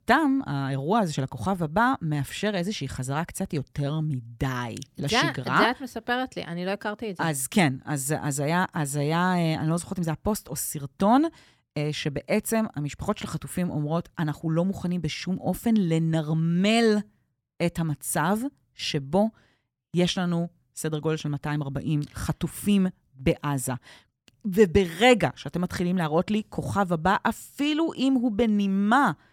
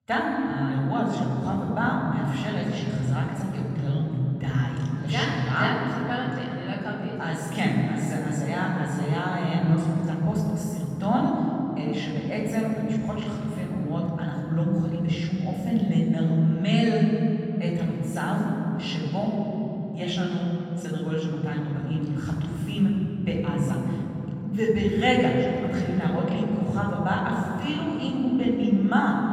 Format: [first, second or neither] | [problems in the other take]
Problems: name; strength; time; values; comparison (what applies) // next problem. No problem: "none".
first | room echo; strong; dies away in 3 s // off-mic speech; far